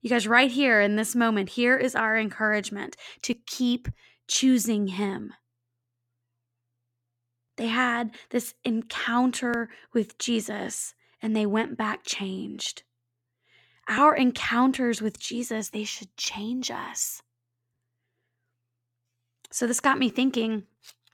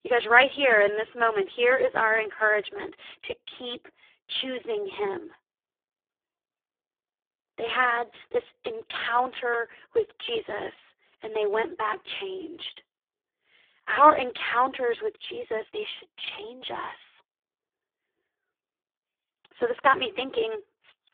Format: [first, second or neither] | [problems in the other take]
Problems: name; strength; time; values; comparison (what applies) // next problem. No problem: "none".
first | phone-call audio; poor line